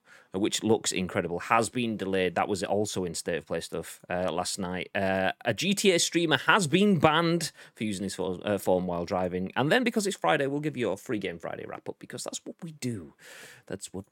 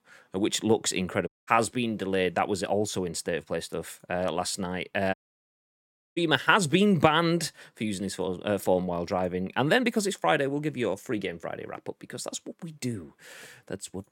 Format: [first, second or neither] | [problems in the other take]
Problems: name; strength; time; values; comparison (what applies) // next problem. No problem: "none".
first | audio cutting out; at 1.5 s and at 5 s for 1 s